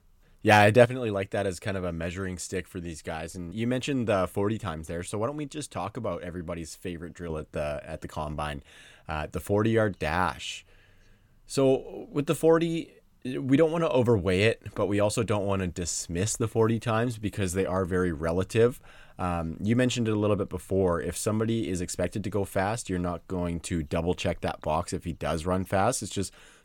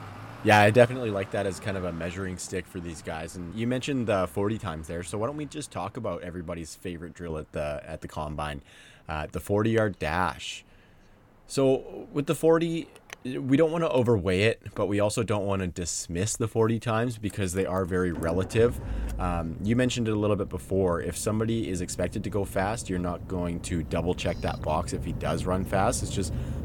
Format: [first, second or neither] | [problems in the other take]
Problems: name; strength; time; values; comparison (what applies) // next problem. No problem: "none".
first | traffic noise; noticeable; throughout; 15 dB below the speech